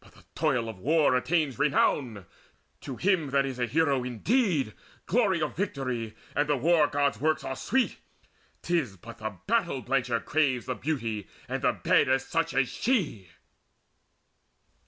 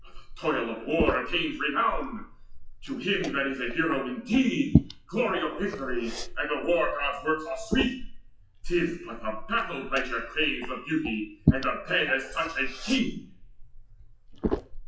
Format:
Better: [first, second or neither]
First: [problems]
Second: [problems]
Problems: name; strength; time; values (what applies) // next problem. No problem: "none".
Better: first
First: none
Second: noise reduction (classical method WPE with log-MMSE)